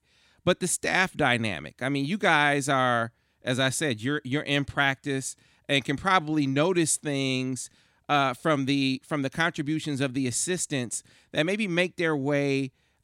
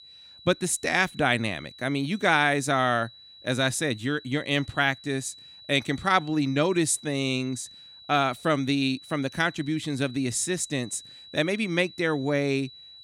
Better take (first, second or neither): first